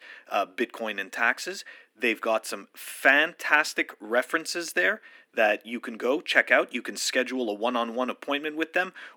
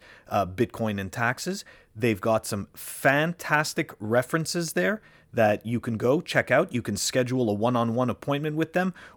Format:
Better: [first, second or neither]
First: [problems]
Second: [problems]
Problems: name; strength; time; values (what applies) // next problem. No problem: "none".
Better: second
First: thin; somewhat; fading below 250 Hz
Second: none